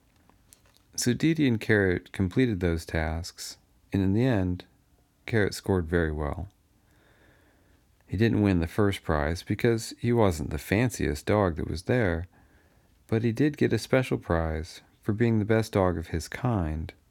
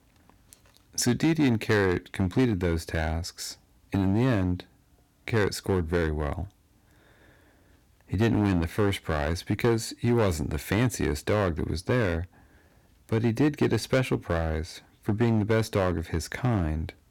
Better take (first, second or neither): first